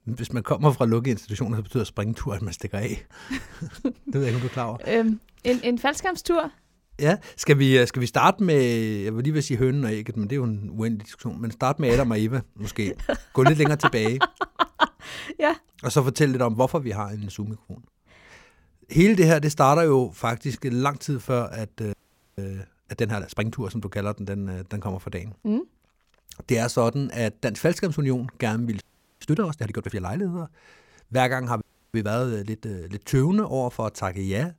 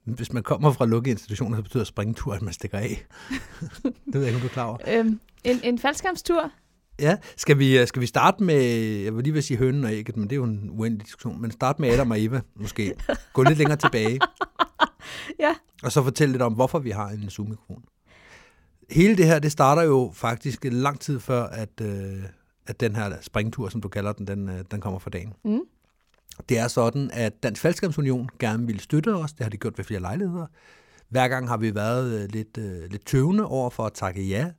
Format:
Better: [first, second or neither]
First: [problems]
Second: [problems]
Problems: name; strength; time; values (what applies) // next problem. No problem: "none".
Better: second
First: audio freezing; at 22 s, at 29 s and at 32 s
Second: none